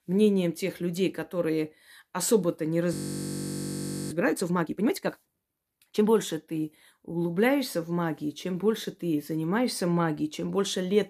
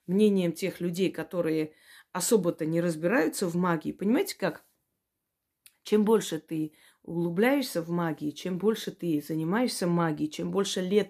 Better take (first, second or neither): second